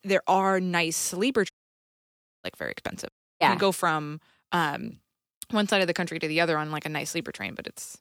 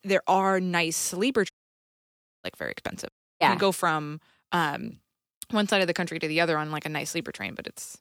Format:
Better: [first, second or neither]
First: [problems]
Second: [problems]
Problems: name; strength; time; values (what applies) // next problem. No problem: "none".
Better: neither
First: audio cutting out; at 1.5 s for 1 s and at 3 s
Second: audio cutting out; at 1.5 s for 1 s and at 3 s